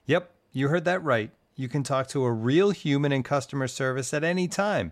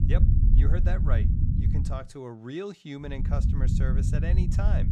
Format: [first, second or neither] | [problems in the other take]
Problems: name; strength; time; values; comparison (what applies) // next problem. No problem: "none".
first | low rumble; loud; until 2 s and from 3 s on; 1 dB below the speech